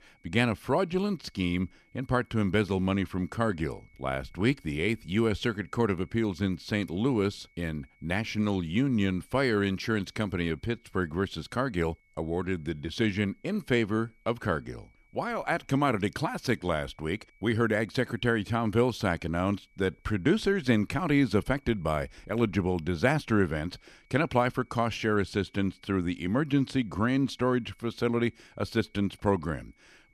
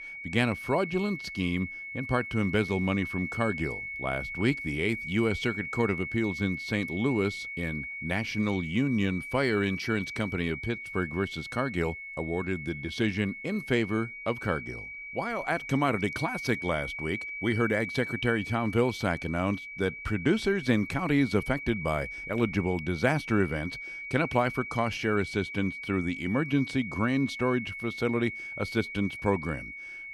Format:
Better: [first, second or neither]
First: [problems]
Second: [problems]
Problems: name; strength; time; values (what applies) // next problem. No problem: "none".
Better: first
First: high-pitched whine; faint; throughout; 2 kHz, 35 dB below the speech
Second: high-pitched whine; loud; throughout; 2 kHz, 7 dB below the speech